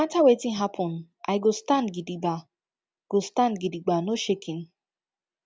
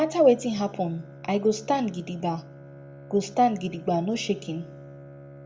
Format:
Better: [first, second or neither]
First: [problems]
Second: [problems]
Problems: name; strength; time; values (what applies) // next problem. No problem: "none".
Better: first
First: none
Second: background sound (Bowed string instrument); 18 dB below the speech // room echo; dies away in 0.3 s